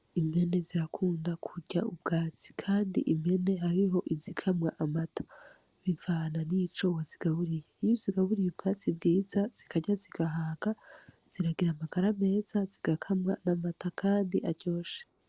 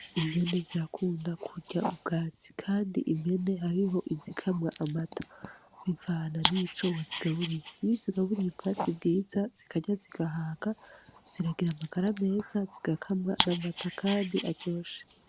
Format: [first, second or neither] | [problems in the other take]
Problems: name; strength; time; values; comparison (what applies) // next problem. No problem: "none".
first | background sound (Dog); 10 dB below the speech